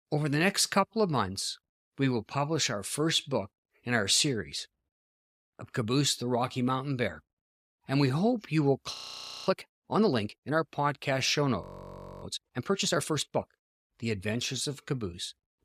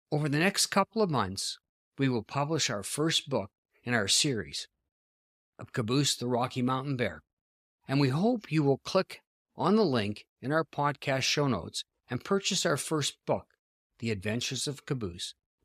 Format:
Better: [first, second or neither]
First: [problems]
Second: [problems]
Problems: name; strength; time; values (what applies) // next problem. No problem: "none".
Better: second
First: audio freezing; at 9 s for 0.5 s and at 12 s for 0.5 s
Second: none